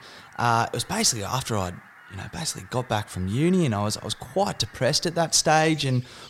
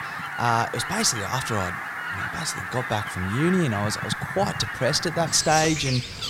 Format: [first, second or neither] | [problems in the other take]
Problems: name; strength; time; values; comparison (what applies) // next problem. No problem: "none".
first | animal sounds; loud; throughout; 5 dB below the speech; faint in the first